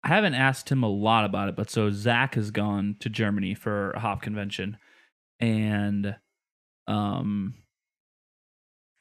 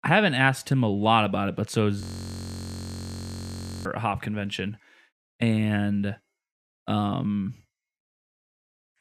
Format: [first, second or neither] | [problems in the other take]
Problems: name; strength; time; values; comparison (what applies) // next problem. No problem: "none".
first | audio freezing; at 2 s for 2 s